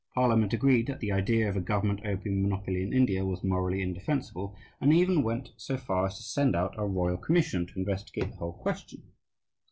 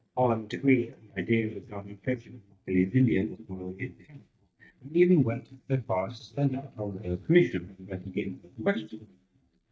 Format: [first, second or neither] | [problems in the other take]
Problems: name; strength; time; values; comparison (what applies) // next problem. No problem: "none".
first | noise reduction (neural mask model DeepFilterNet 3)